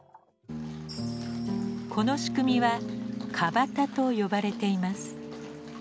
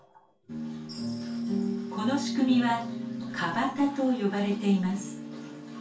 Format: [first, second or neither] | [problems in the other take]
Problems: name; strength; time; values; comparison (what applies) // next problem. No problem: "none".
first | room echo; dies away in 0.3 s